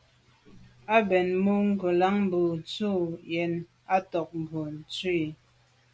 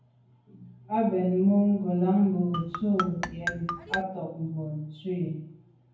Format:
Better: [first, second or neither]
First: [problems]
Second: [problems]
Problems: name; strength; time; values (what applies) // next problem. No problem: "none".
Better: first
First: none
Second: background sound (Marimba, xylophone); 6 dB below the speech // room echo; dies away in 0.9 s